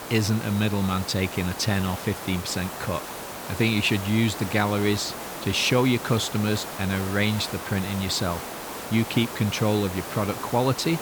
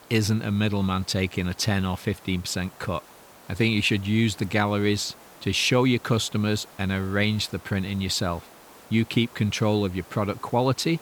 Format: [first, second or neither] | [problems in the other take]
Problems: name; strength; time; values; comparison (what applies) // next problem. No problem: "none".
second | hiss; loud; throughout; 9 dB below the speech; faint in the second